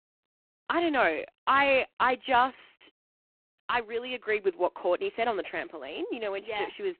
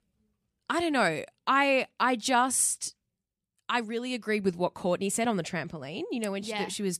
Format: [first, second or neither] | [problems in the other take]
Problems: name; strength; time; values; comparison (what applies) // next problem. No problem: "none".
second | phone-call audio; poor line